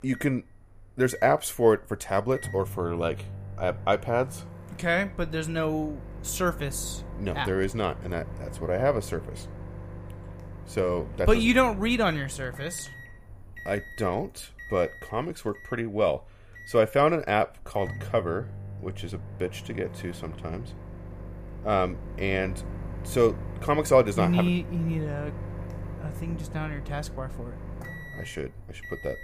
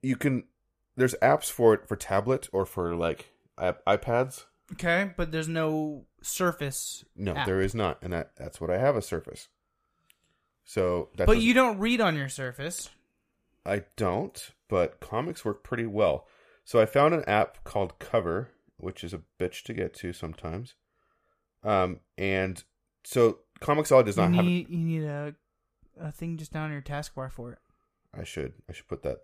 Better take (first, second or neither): second